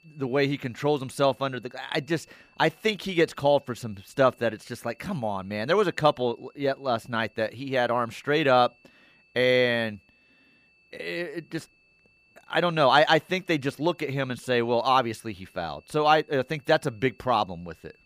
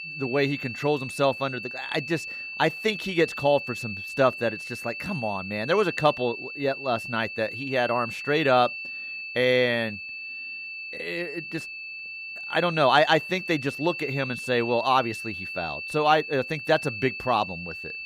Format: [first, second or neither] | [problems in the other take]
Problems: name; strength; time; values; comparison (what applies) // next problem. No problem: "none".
first | high-pitched whine; loud; throughout; 2.5 kHz, 8 dB below the speech; faint in the first